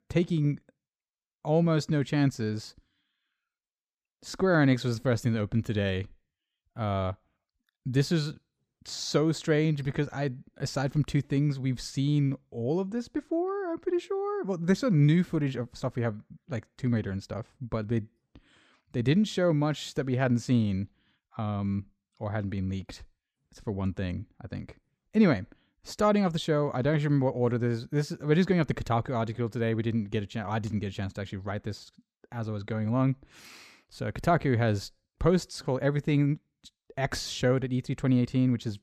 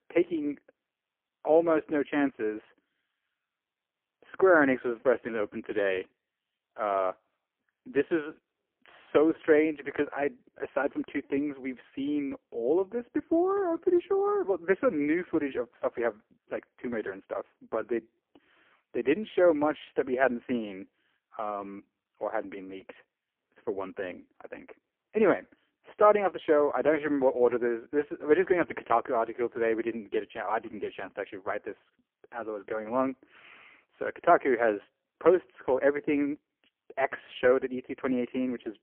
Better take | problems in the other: first | phone-call audio; poor line; nothing above 3.5 kHz

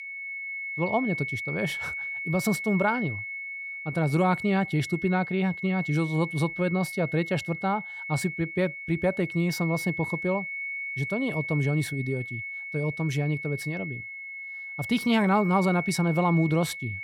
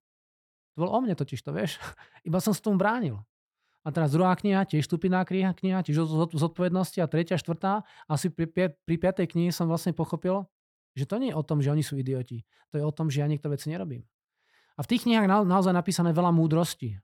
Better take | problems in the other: second | high-pitched whine; loud; throughout; 2 kHz, 6 dB below the speech

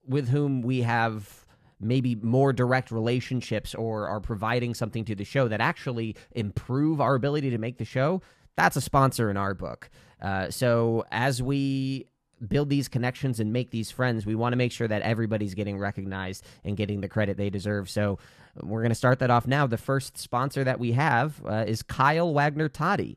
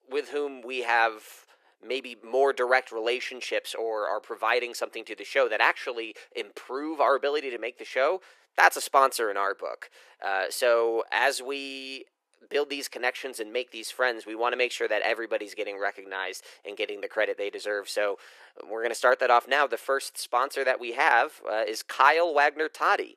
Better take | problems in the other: first | thin; very; fading below 400 Hz

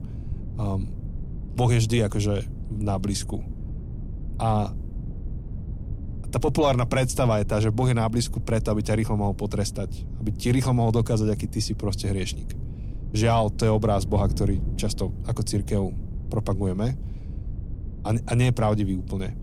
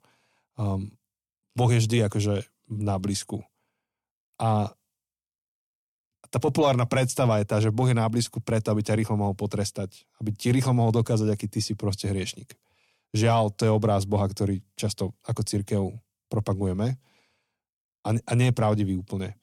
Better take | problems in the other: second | wind noise on the microphone; occasional gusts; 20 dB below the speech

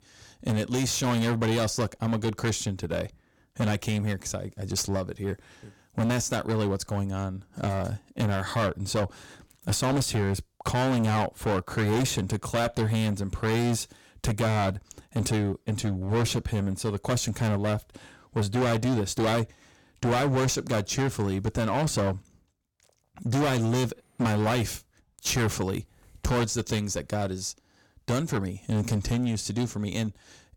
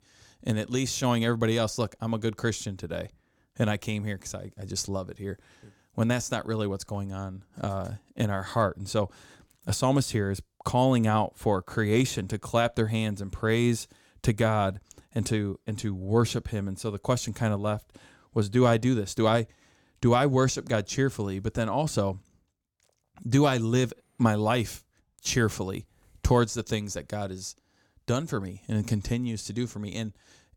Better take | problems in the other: second | distortion; heavy; 16% of the sound clipped

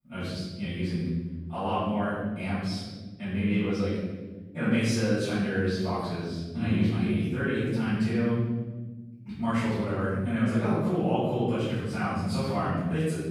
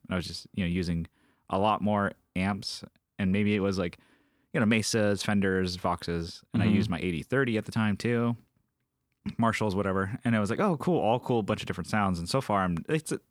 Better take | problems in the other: second | off-mic speech; far // room echo; strong; dies away in 1.6 s

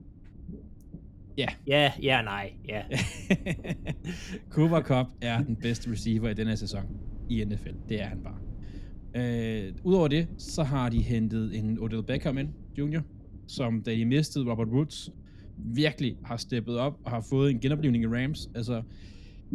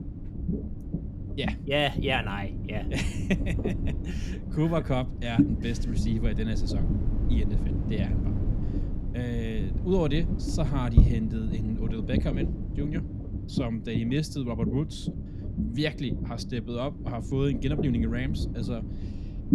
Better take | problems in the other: first | low rumble; loud; throughout; 6 dB below the speech; faint in the first

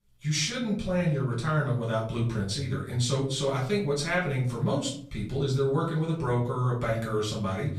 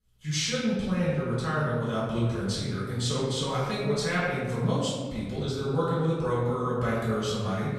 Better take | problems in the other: first | room echo; strong; dies away in 1.3 s; slight in the first // off-mic speech; far; far in the first

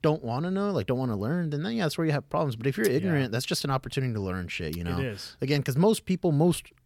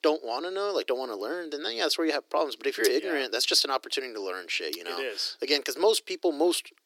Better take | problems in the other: first | thin; very; fading below 300 Hz

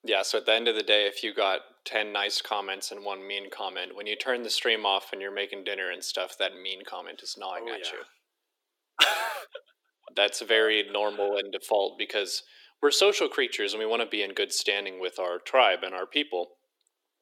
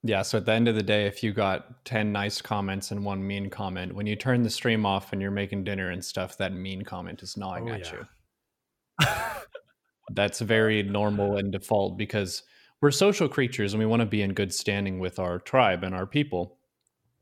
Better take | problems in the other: second | thin; very; fading below 350 Hz

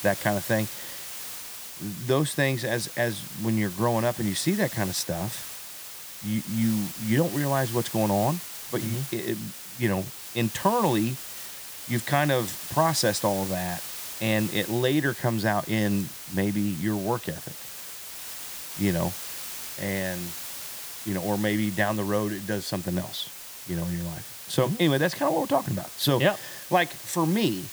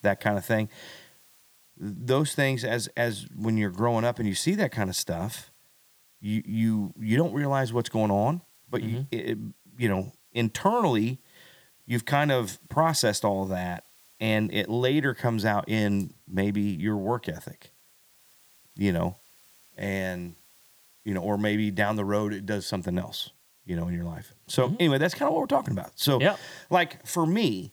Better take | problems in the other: second | hiss; loud; throughout; 9 dB below the speech; faint in the second

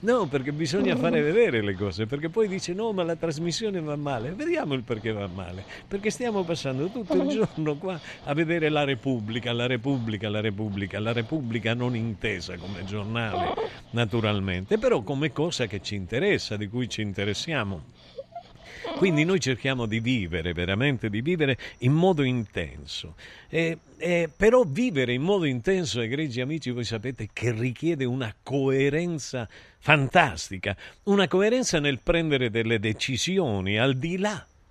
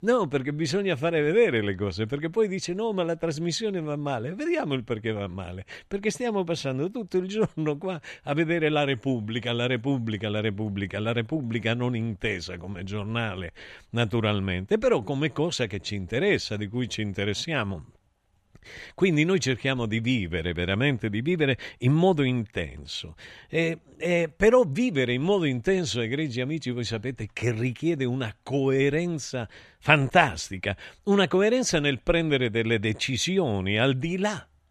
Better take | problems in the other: second | animal sounds; noticeable; throughout; 10 dB below the speech

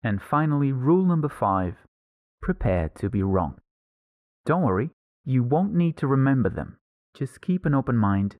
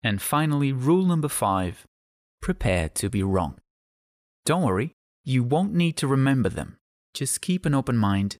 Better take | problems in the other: second | muffled; very; fading above 2.5 kHz

